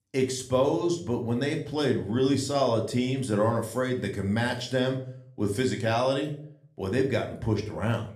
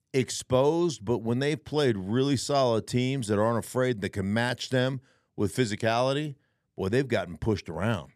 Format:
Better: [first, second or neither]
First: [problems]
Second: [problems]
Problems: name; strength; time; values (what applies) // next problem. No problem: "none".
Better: second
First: room echo; slight; dies away in 0.4 s // off-mic speech; somewhat distant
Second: none